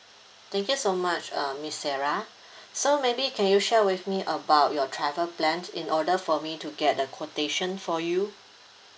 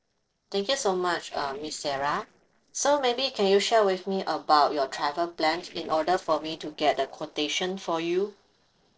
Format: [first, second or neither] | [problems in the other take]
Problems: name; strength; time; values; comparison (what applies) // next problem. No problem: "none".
first | noise reduction (neural separator model SepFormer DNS4)